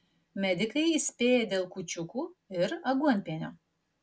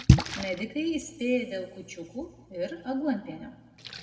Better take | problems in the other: first | background sound (Splash, splatter); 3 dB above the speech // room echo; dies away in 1.3 s

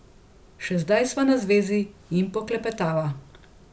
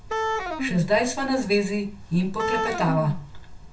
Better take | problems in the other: first | background sound (Wind instrument, woodwind instrument); 4 dB below the speech // room echo; dies away in 0.2 s

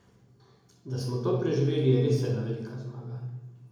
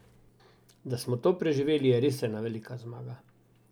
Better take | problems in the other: second | room echo; dies away in 0.9 s

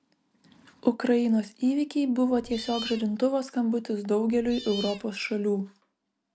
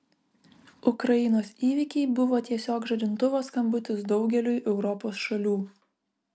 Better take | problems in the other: second | background sound (Cat); 13 dB below the speech

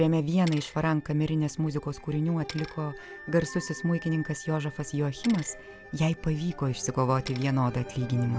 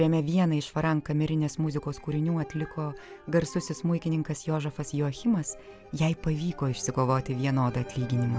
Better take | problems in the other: second | background sound (Bicycle + Wind instrument, woodwind instrument); 19 dB below the speech

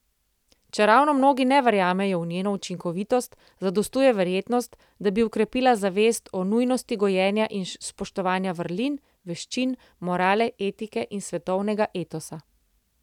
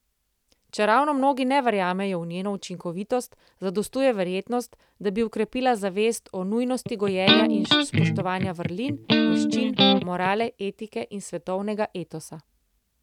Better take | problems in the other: first | background sound (Electric guitar); 4 dB above the speech

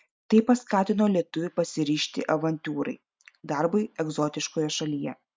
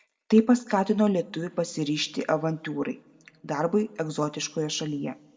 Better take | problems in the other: first | room echo; dies away in 0.6 s

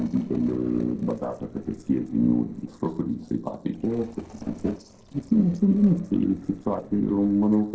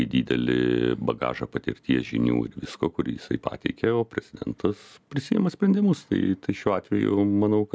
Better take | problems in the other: second | noise reduction (neural separator model SepFormer DNS4)

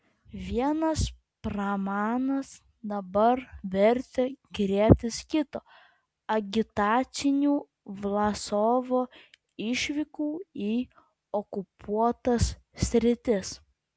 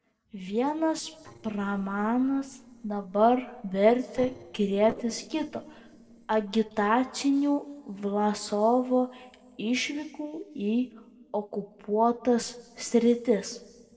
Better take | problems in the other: first | noise reduction (neural separator model SepFormer DNS4)

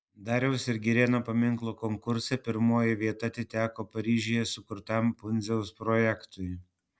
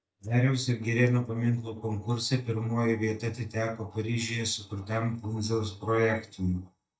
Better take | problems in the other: first | noise reduction (neural mask model DeepFilterNet 3)

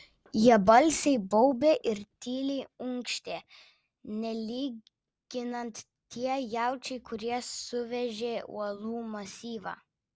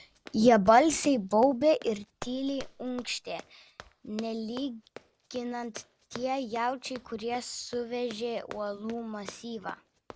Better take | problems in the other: first | background sound (Run); 20 dB below the speech

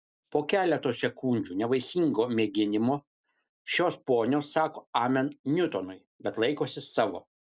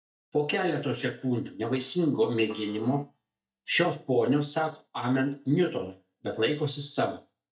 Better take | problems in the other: first | noise reduction (neural mask model DeepFilterNet 3)

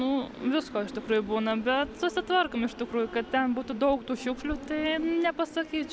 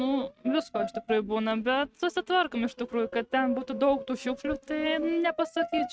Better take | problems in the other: first | noise reduction (neural mask model RNNoise)

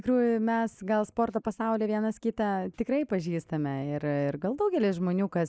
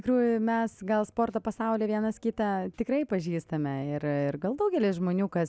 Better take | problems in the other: second | noise reduction (neural mask model Resemble Enhance denoiser)

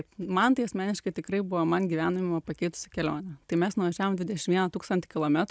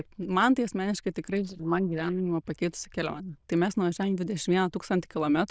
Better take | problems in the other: first | noise reduction (neural diffusion model UNIVERSE++)

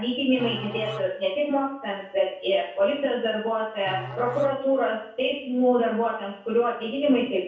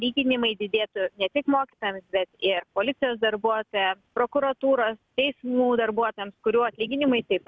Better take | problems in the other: second | background sound (Musical instrument); 17 dB below the speech // room echo; dies away in 0.6 s

